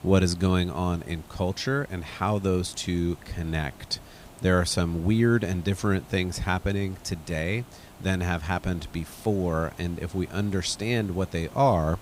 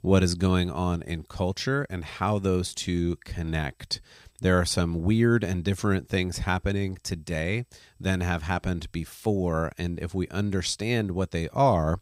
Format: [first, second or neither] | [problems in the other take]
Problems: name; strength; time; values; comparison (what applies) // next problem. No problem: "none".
second | hiss; faint; throughout; 20 dB below the speech